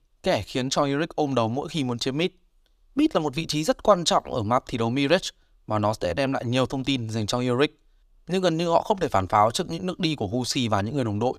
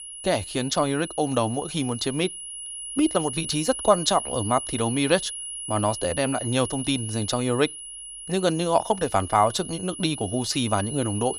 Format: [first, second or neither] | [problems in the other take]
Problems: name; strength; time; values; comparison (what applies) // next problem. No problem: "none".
first | high-pitched whine; loud; throughout; 10.5 kHz, 8 dB below the speech